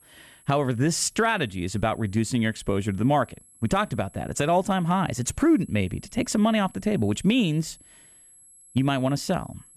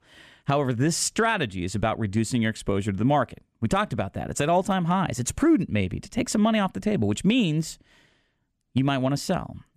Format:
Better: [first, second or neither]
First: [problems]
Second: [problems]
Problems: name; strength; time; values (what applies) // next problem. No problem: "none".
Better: second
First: high-pitched whine; faint; throughout; 11 kHz, 25 dB below the speech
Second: none